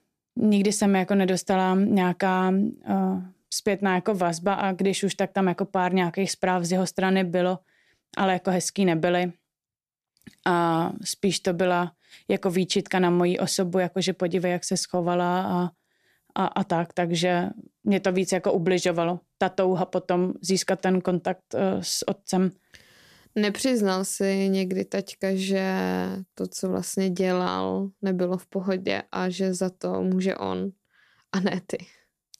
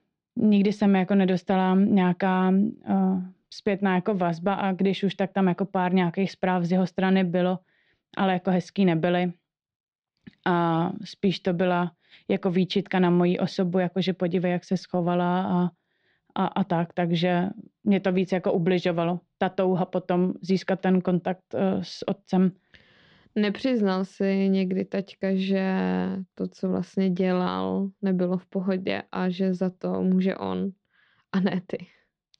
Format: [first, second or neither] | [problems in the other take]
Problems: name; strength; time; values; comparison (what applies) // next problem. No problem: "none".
first | muffled; slightly; fading above 3.5 kHz